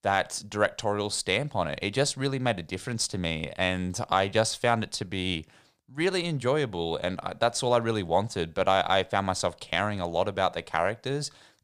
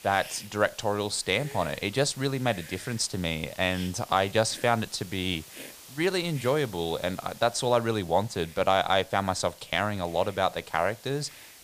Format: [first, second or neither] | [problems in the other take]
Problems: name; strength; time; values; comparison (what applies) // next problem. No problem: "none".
first | hiss; noticeable; throughout; 20 dB below the speech